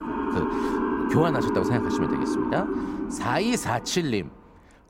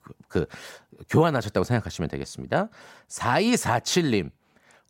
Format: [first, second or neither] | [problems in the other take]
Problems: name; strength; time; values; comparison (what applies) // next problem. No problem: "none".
second | siren; loud; until 4 s; peak 2 dB above the speech